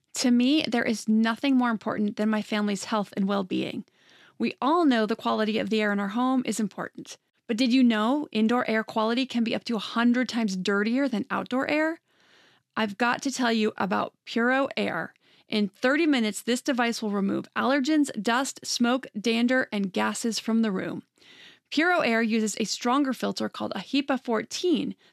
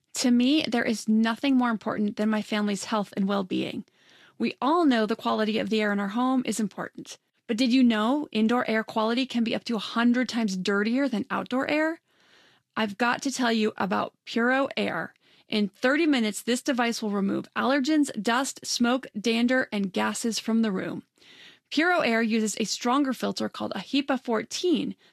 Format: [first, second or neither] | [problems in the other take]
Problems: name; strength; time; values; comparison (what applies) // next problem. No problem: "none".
first | garbled, watery; slightly; nothing above 13.5 kHz